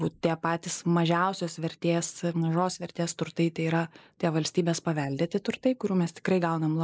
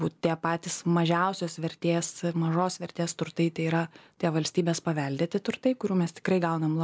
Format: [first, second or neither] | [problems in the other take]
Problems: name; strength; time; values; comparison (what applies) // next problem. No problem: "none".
second | noise reduction (neural mask model Resemble Enhance denoiser)